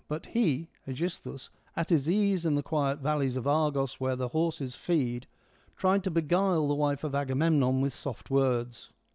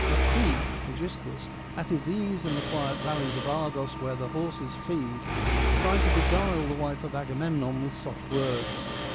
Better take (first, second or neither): first